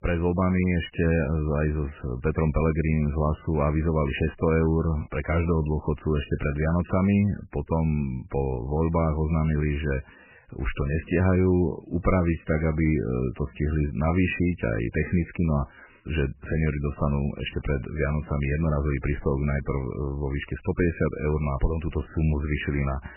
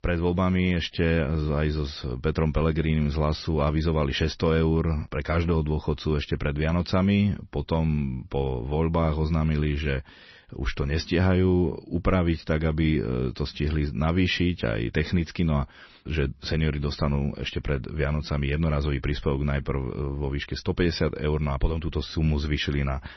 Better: second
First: garbled, watery; badly; nothing above 3 kHz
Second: garbled, watery; slightly; nothing above 6 kHz

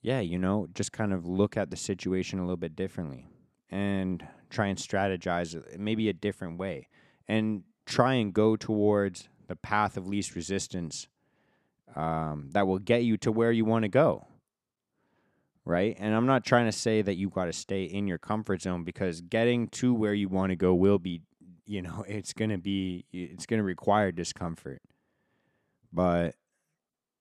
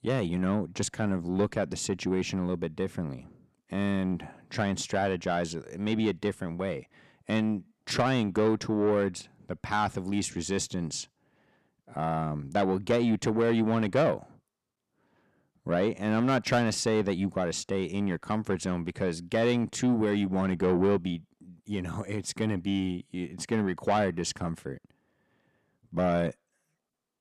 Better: first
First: none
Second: distortion; slight; 10 dB below the speech

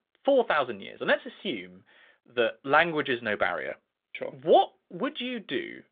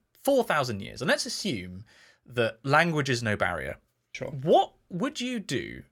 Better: second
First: phone-call audio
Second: none

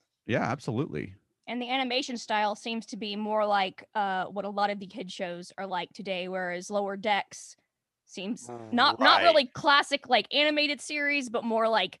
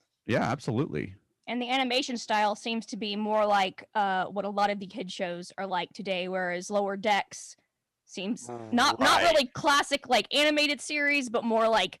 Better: first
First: none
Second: distortion; slight; 3% of the sound clipped

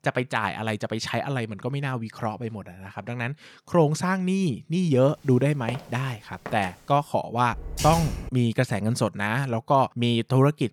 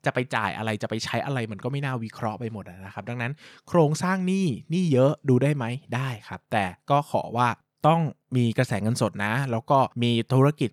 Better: second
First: footsteps; faint; at 5.5 s; peak 10 dB below the speech // keyboard typing; noticeable; at 7.5 s; peak 4 dB below the speech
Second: none

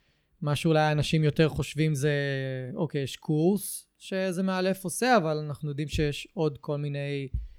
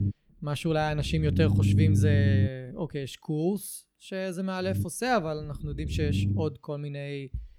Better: first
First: none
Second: low rumble; loud; until 3 s and from 4.5 to 6.5 s; 5 dB below the speech

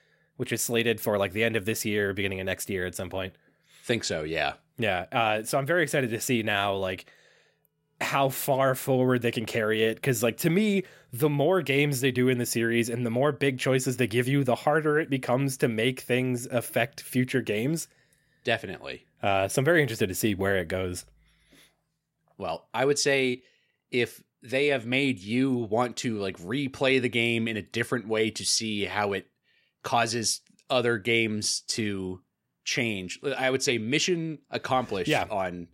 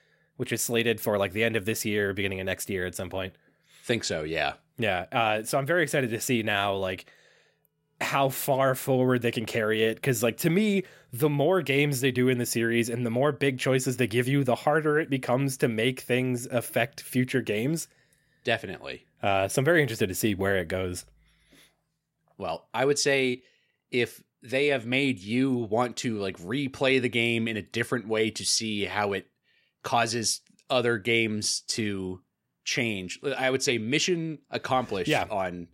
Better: neither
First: none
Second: none

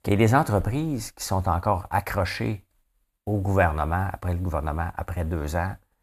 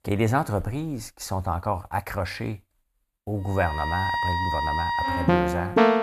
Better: first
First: none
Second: background music; very loud; from 4 s on; 4 dB above the speech

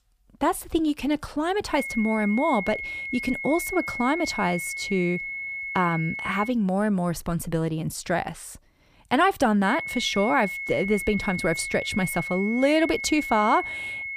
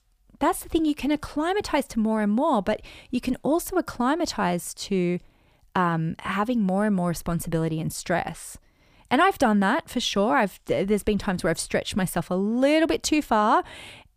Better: second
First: high-pitched whine; loud; from 1.5 to 6.5 s and from 9.5 s on; 2 kHz, 6 dB below the speech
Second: none

